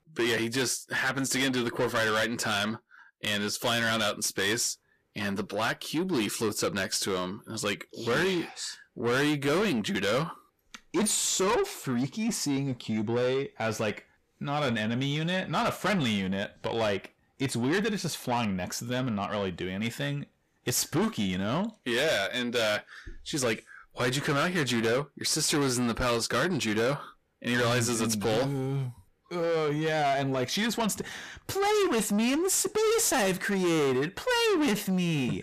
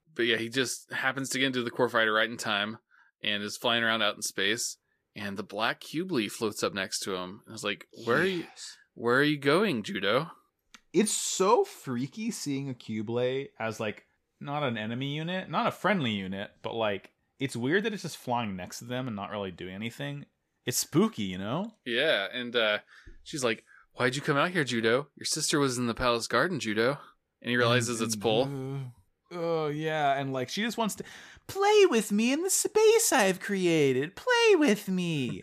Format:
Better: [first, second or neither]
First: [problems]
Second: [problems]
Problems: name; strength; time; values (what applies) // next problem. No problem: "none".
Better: second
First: distortion; heavy; 6 dB below the speech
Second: none